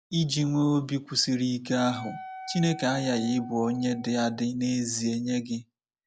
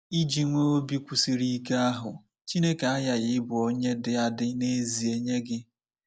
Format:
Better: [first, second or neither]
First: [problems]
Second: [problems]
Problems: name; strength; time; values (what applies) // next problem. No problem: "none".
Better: second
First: background sound (Wind instrument, woodwind instrument); 16 dB below the speech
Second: none